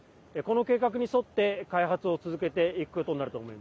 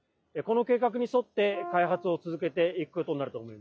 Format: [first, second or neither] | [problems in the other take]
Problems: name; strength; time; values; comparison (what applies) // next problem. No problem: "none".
first | noise reduction (classical method log-MMSE)